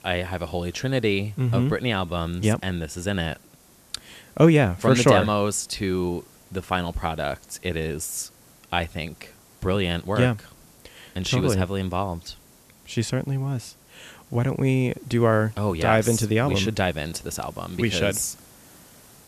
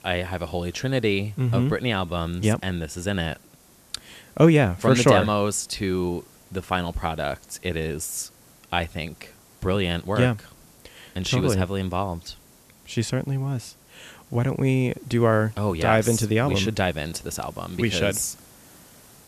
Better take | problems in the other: neither | hiss; faint; throughout; 25 dB below the speech; the same in both

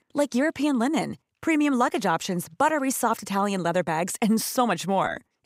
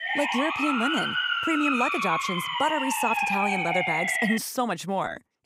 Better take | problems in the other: first | siren; loud; until 4.5 s; peak 4 dB above the speech

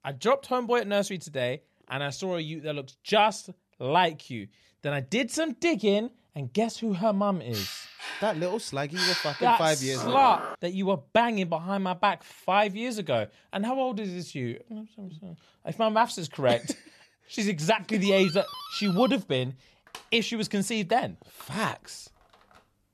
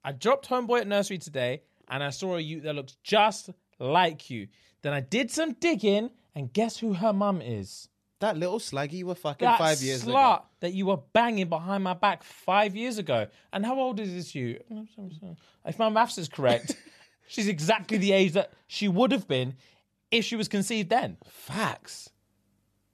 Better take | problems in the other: second | dog barking; loud; from 7.5 to 11 s; peak 2 dB above the speech // doorbell; noticeable; from 18 s on; peak 9 dB below the speech

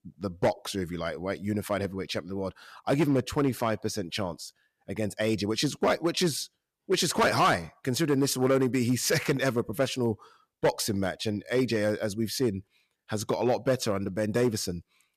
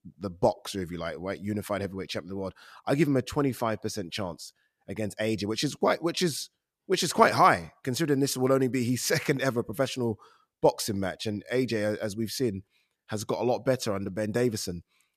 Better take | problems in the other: second | distortion; slight; 3% of the sound clipped

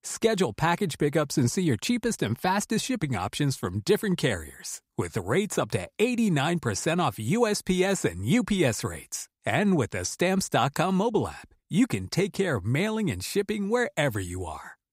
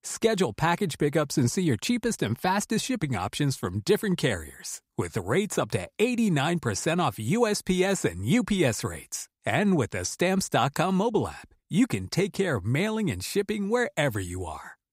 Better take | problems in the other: neither | none

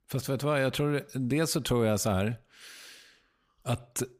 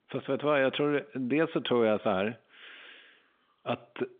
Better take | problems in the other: first | phone-call audio; nothing above 3.5 kHz

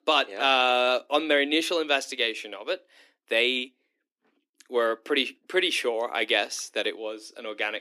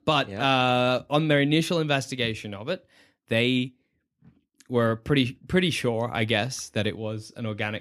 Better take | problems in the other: second | thin; somewhat; fading below 300 Hz

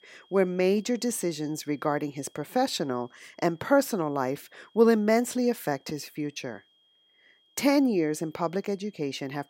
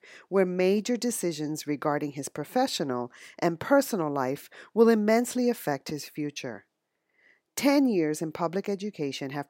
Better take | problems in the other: second | high-pitched whine; faint; throughout; 3.5 kHz, 35 dB below the speech

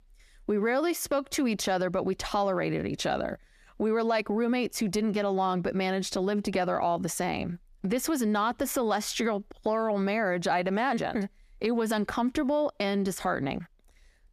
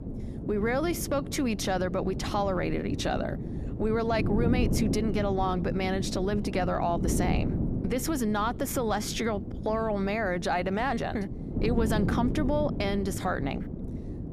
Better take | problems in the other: first | wind noise on the microphone; heavy; 10 dB below the speech

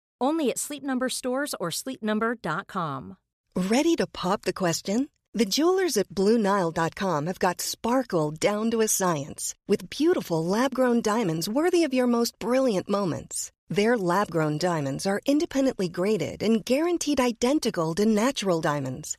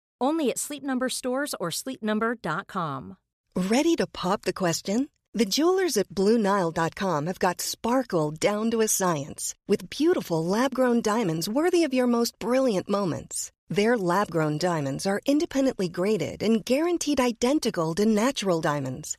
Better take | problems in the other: neither | none

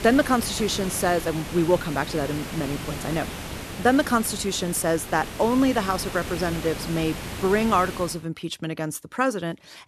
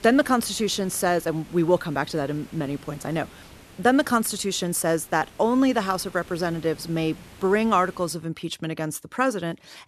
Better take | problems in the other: second | hiss; loud; until 8 s; 9 dB below the speech; faint in the second

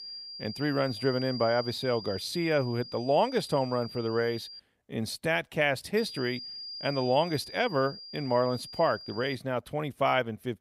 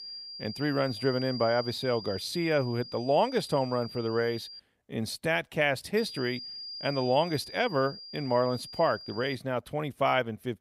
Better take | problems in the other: neither | high-pitched whine; noticeable; until 4.5 s and from 6 to 9.5 s; 5 kHz, 10 dB below the speech; the same in both

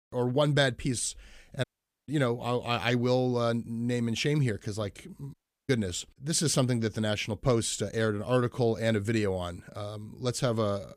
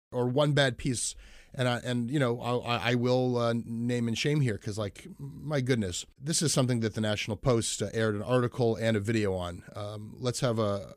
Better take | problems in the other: second | audio cutting out; at 1.5 s and at 5.5 s

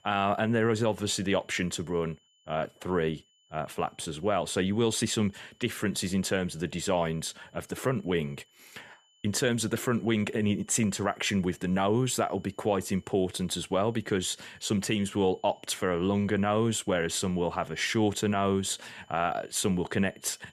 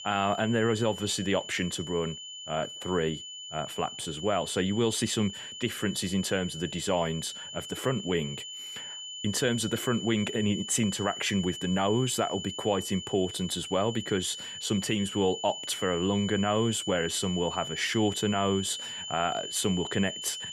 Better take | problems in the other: first | high-pitched whine; loud; throughout; 3 kHz, 8 dB below the speech; faint in the first

